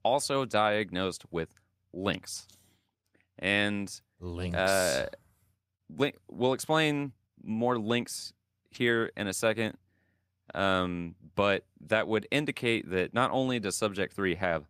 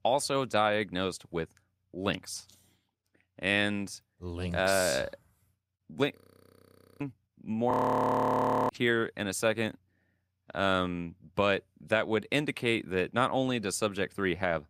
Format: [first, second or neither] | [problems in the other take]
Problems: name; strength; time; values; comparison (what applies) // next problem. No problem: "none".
first | audio freezing; at 6 s for 1 s and at 7.5 s for 1 s